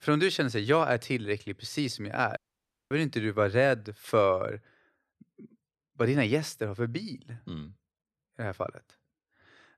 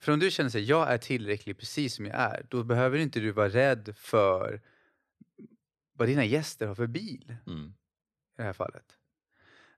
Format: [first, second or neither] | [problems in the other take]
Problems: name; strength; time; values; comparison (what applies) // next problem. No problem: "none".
second | audio cutting out; at 2.5 s for 0.5 s